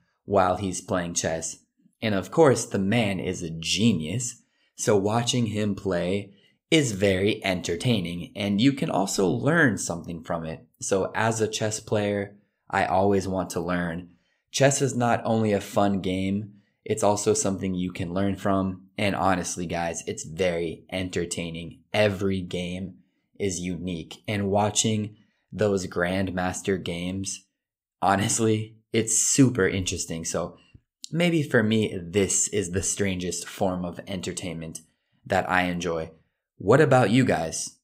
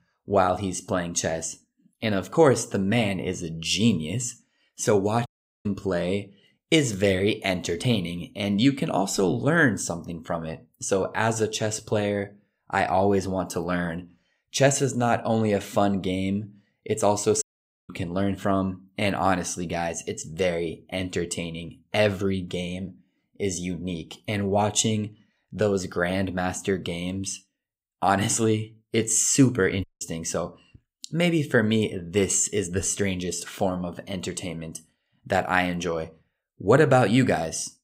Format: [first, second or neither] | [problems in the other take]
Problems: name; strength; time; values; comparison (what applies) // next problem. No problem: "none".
first | audio cutting out; at 5.5 s, at 17 s and at 30 s